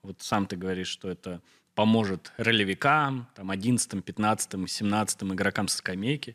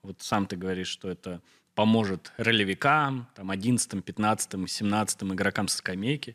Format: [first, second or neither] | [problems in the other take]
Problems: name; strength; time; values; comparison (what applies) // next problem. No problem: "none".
neither | none